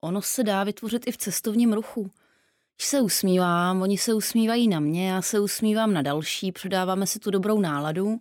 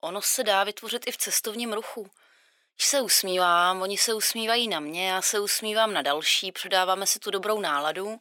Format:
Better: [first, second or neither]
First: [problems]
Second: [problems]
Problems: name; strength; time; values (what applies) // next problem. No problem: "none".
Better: first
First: none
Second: thin; very; fading below 650 Hz